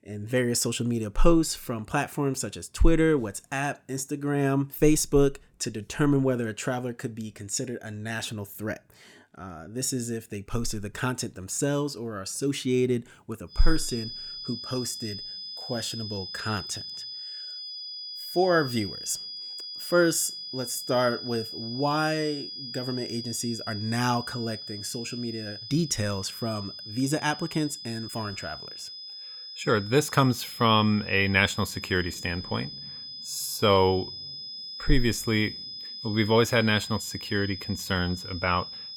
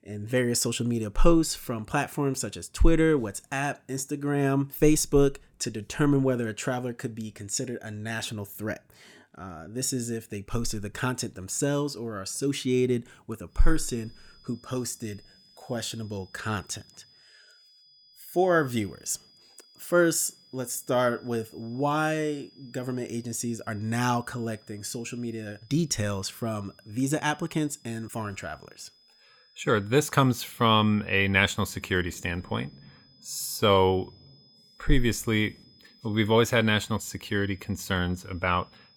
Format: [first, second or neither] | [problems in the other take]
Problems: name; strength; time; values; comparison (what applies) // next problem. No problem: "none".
second | high-pitched whine; loud; from 14 s on; 5 kHz, 9 dB below the speech; faint in the second